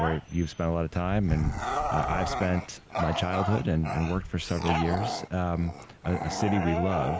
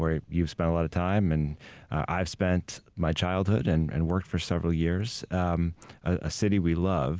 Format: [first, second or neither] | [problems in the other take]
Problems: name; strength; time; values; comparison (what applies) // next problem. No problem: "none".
second | background sound (Bark / Growling); 4 dB below the speech